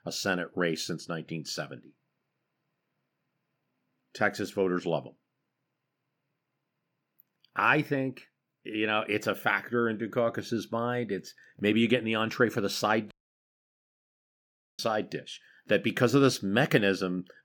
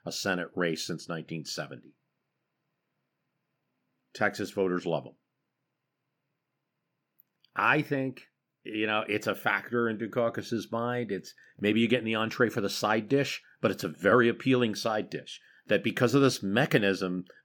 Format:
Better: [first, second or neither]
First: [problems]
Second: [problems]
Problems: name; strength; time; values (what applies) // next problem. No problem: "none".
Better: second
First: audio cutting out; at 13 s for 1.5 s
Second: none